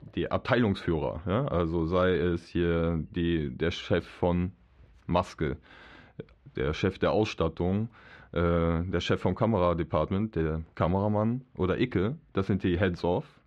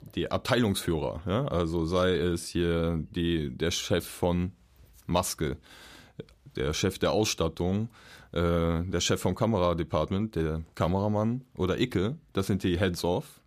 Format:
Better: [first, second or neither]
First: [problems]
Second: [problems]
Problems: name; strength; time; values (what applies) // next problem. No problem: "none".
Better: second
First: muffled; slightly; fading above 2.5 kHz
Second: none